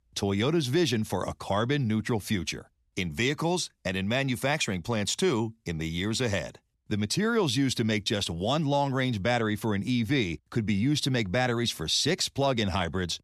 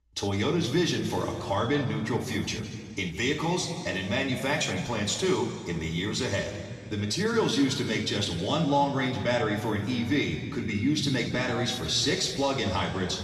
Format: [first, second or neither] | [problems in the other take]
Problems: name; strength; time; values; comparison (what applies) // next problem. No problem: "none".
first | room echo; noticeable; dies away in 2.1 s // off-mic speech; far